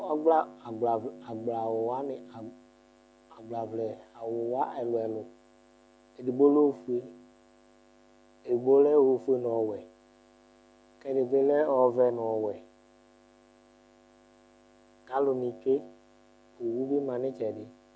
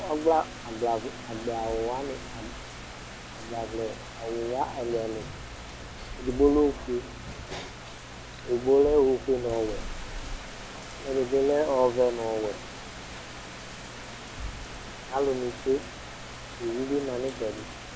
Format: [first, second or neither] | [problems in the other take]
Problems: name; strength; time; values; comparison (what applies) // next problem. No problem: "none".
first | background sound (Rain); 10 dB below the speech